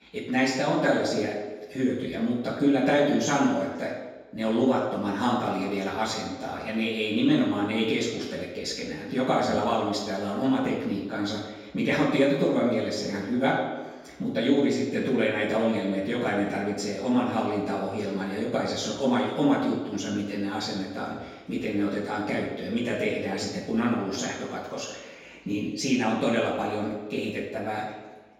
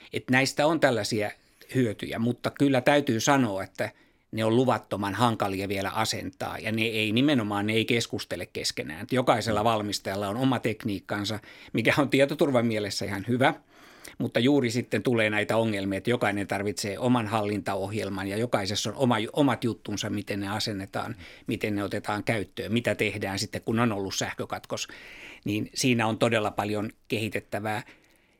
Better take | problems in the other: second | room echo; noticeable; dies away in 1.1 s // off-mic speech; far

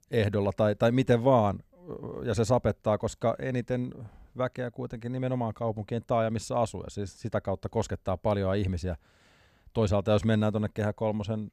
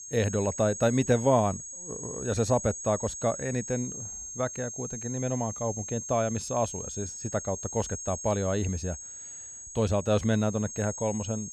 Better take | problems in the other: first | high-pitched whine; loud; throughout; 6.5 kHz, 8 dB below the speech

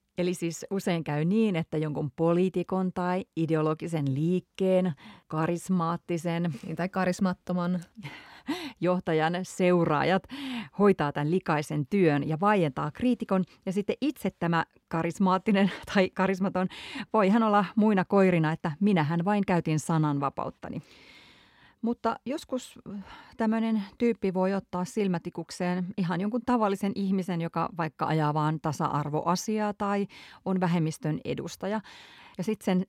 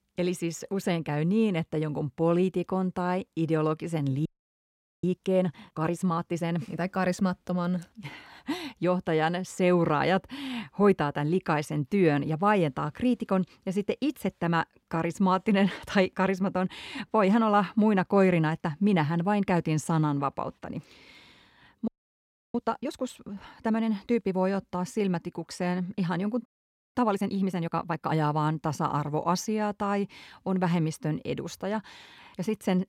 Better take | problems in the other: first | audio freezing; at 4.5 s for 1 s, at 22 s for 0.5 s and at 26 s

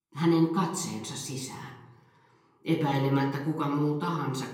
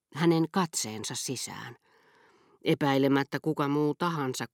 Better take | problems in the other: second | off-mic speech; far // room echo; slight; dies away in 0.8 s

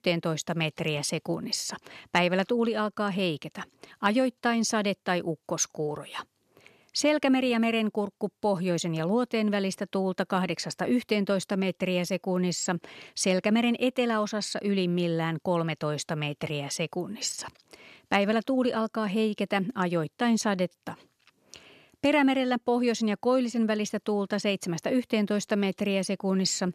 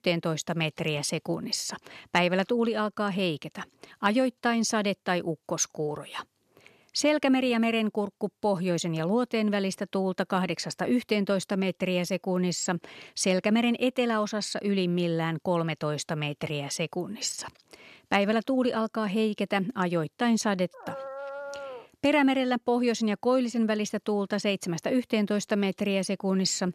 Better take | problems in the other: first | dog barking; faint; from 21 to 22 s; peak 10 dB below the speech

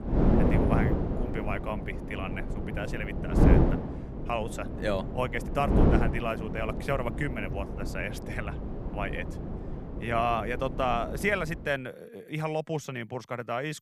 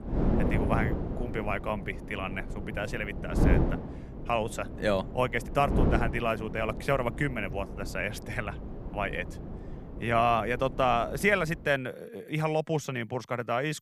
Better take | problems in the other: second | wind noise on the microphone; heavy; until 12 s; 4 dB below the speech; occasional gusts in the second

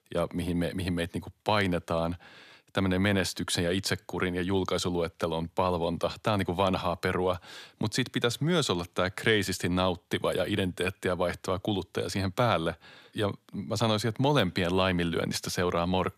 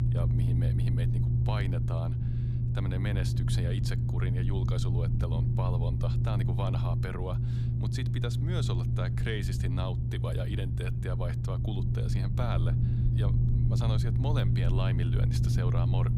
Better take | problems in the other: first | low rumble; loud; throughout; 1 dB below the speech

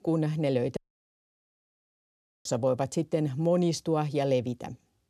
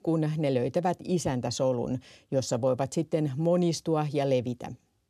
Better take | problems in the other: second | audio cutting out; at 1 s for 1.5 s

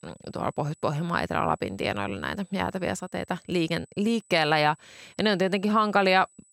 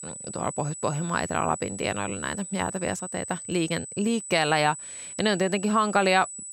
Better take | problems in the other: first | high-pitched whine; loud; throughout; 8 kHz, 10 dB below the speech; faint in the first

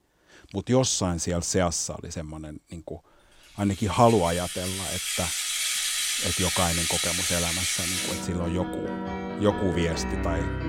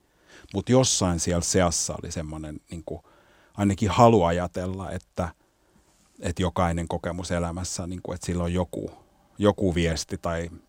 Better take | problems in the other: second | background music; very loud; from 3.5 s on; as loud as the speech

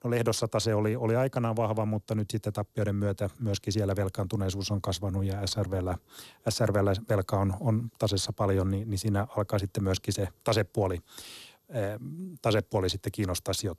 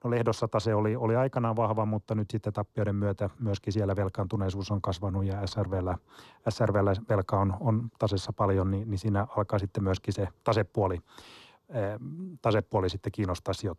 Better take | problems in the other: first | muffled; slightly; fading above 2 kHz

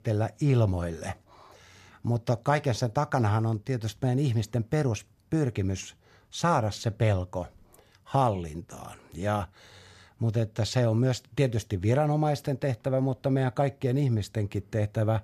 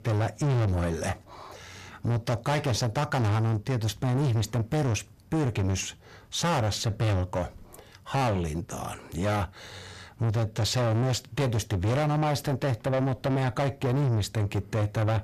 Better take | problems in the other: first | distortion; heavy; 7 dB below the speech

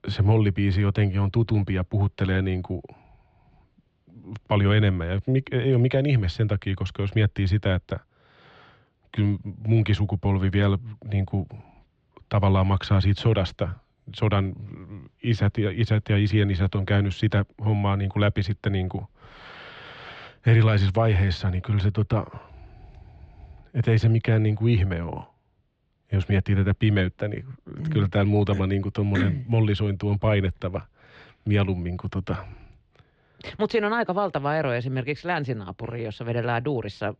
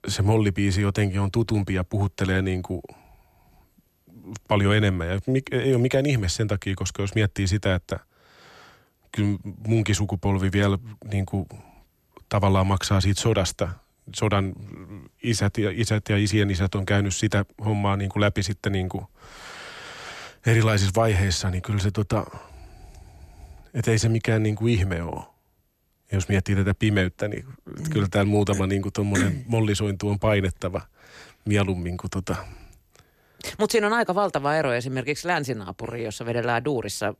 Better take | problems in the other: second | muffled; slightly; fading above 3.5 kHz

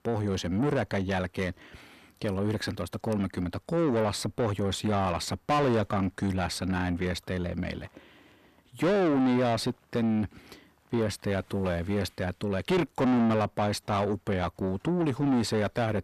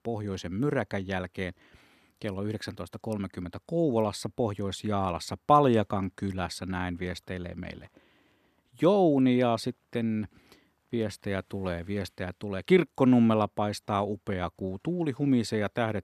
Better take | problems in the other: second | distortion; heavy; 6 dB below the speech

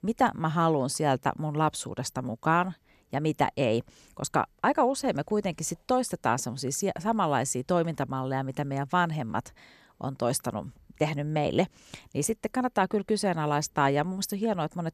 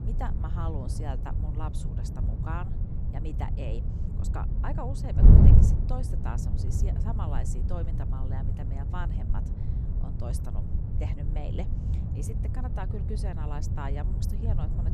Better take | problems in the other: first | wind noise on the microphone; heavy; as loud as the speech

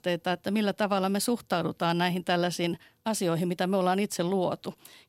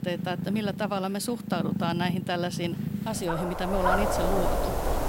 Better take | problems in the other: first | animal sounds; loud; throughout; as loud as the speech

